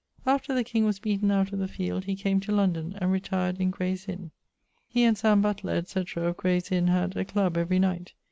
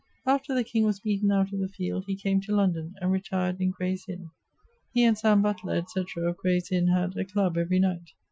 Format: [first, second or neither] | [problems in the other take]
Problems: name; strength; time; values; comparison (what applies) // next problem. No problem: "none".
first | noise reduction (classical method Wiener filter)